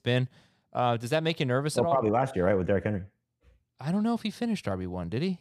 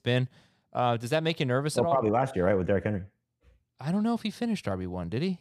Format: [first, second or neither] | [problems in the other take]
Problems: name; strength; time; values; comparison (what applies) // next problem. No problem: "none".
neither | none